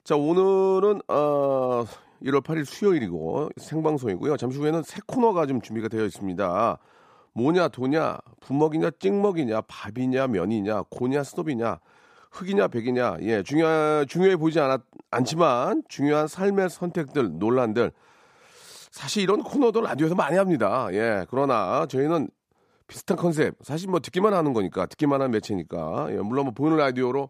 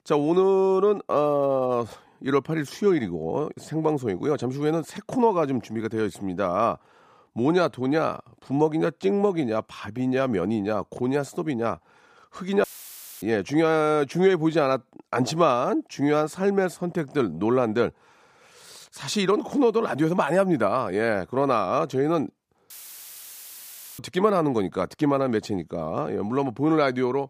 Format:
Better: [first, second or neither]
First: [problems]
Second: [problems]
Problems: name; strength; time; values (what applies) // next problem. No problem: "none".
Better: first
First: none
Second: audio cutting out; filled with static; at 13 s for 0.5 s and at 23 s for 1.5 s